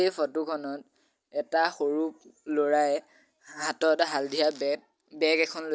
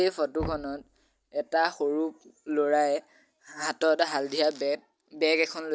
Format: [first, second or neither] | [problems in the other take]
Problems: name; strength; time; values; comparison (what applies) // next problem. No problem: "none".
first | background sound (Knock); 19 dB below the speech